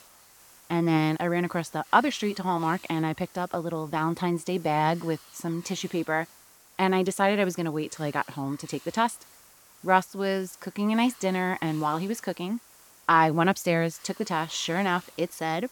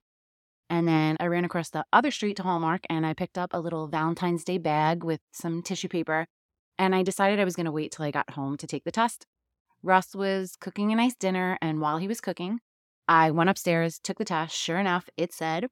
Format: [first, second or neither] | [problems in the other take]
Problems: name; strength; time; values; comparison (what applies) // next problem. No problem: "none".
second | hiss; faint; throughout; 25 dB below the speech